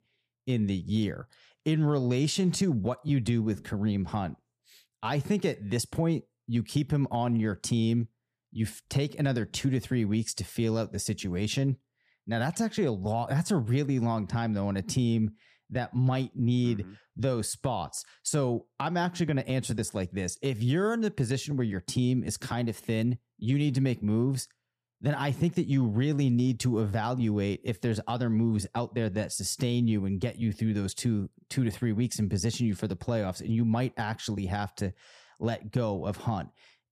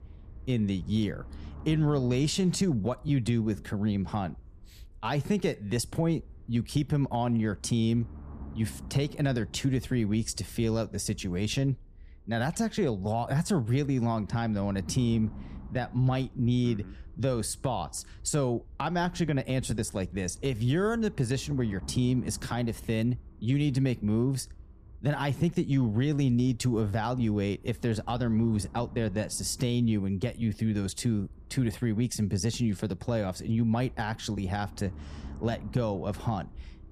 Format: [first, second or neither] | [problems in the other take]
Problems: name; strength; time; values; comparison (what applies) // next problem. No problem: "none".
first | low rumble; faint; throughout; 25 dB below the speech